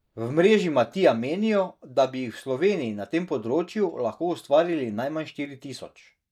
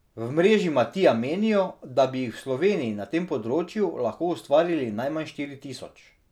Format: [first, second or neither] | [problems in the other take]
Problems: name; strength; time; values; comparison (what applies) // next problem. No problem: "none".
second | noise reduction (neural mask model DeepFilterNet 3)